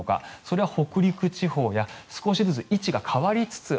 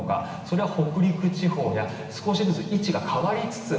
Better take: first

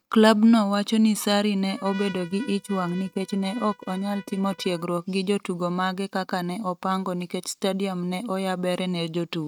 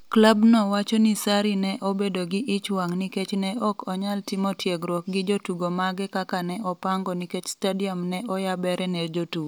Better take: second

